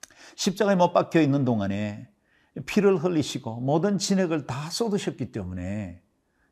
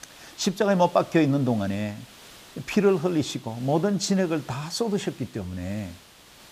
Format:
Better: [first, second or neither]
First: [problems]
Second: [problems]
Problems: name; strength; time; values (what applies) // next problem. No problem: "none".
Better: first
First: none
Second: hiss; faint; throughout; 20 dB below the speech